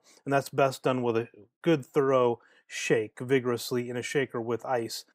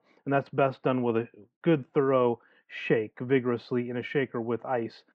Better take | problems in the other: first | muffled; very; fading above 3 kHz

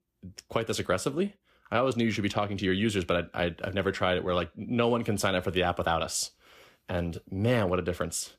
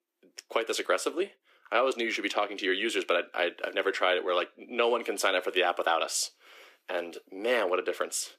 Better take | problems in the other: first | thin; very; fading below 300 Hz

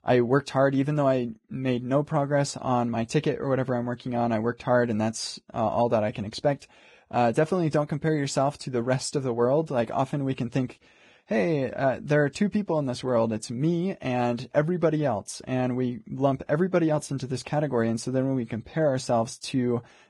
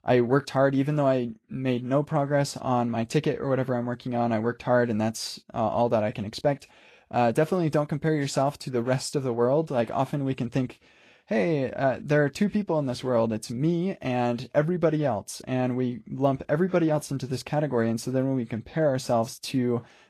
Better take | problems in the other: second | garbled, watery; badly; slightly in the second

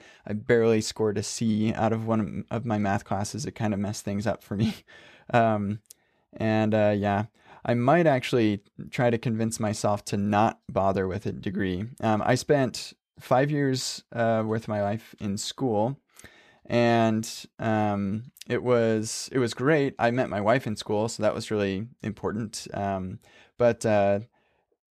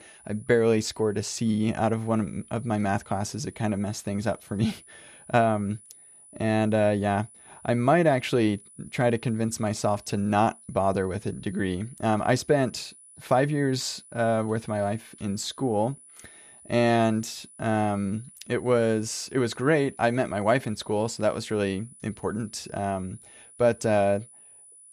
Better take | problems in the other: first | high-pitched whine; faint; throughout; 10 kHz, 20 dB below the speech

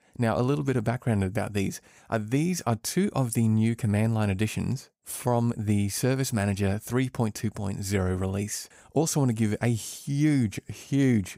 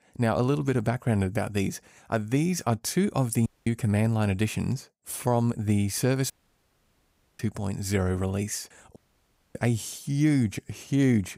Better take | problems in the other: first | audio cutting out; at 3.5 s, at 6.5 s for 1 s and at 9 s for 0.5 s

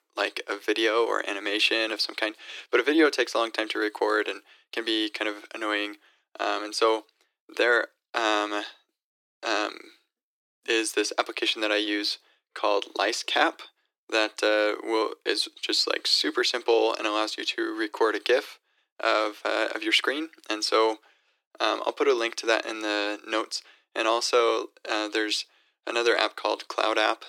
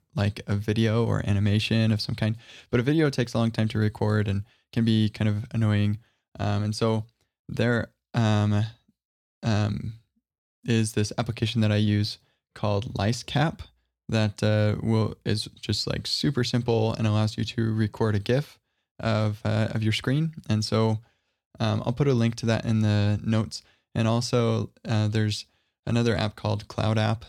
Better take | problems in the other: second | thin; very; fading below 300 Hz

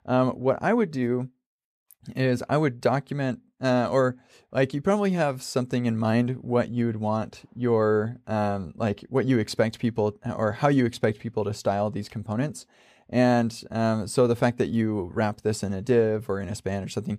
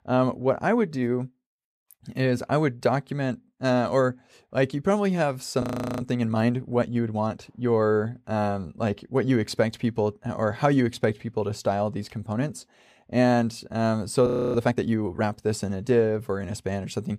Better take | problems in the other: first | audio freezing; at 5.5 s and at 14 s

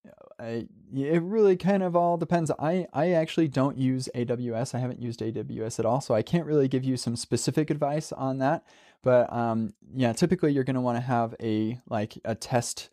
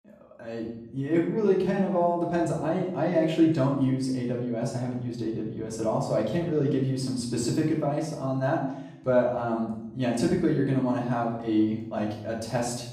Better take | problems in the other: first | off-mic speech; far // room echo; noticeable; dies away in 0.7 s

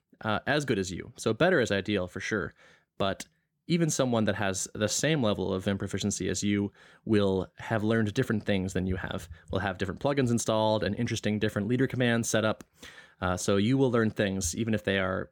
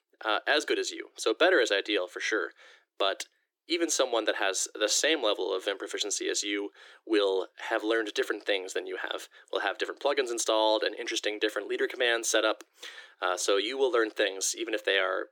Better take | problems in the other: first | thin; very; fading below 300 Hz

